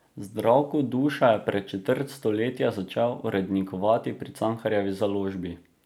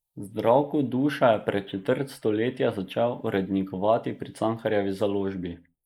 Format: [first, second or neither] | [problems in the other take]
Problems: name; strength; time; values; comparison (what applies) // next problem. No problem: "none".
first | noise reduction (neural mask model Resemble Enhance denoiser)